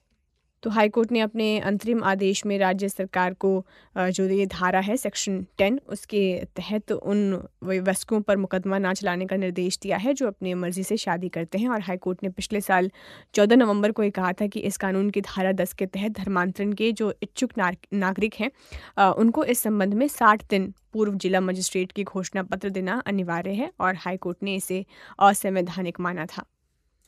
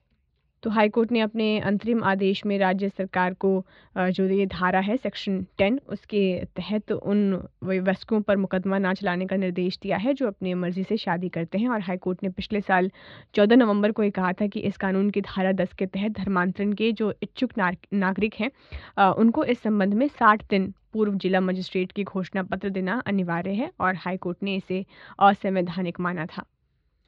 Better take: first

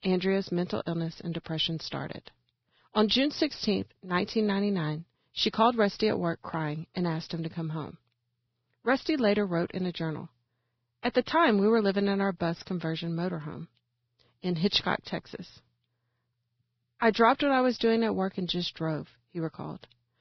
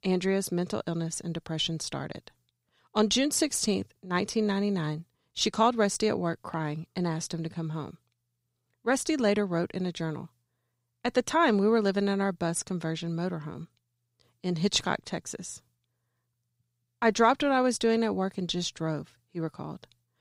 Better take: second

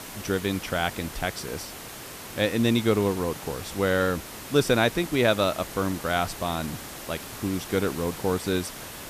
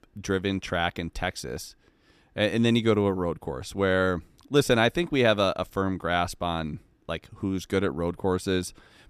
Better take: second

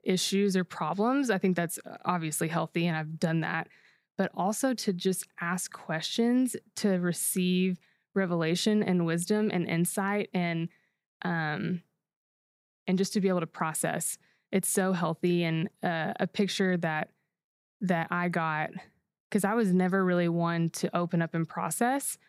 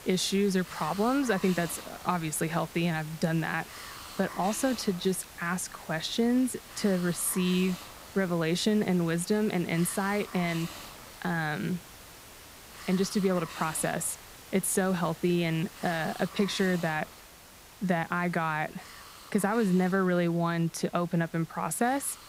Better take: first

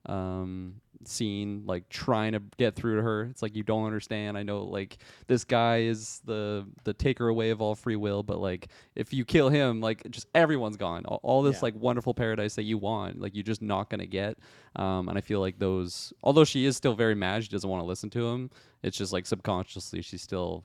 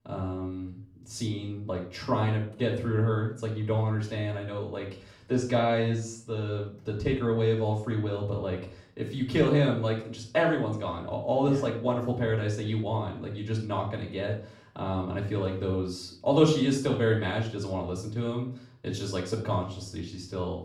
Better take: first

